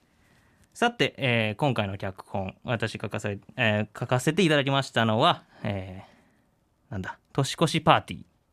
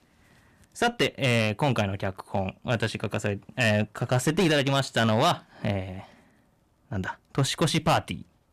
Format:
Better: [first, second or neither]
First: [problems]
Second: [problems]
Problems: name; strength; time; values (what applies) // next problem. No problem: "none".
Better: first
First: none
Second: distortion; heavy; 5% of the sound clipped